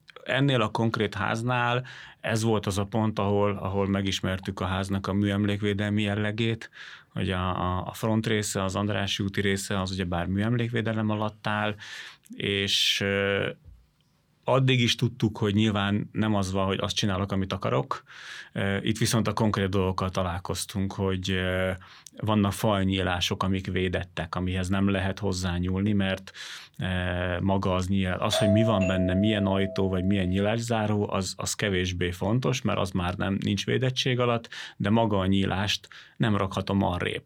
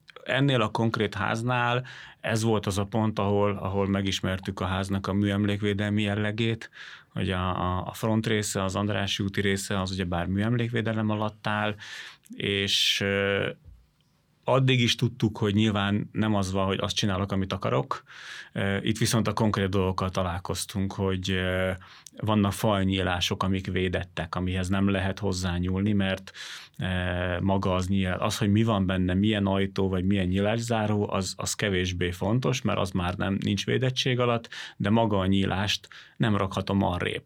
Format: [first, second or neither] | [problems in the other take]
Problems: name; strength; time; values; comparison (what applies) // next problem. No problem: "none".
second | doorbell; loud; from 28 to 30 s; peak level with the speech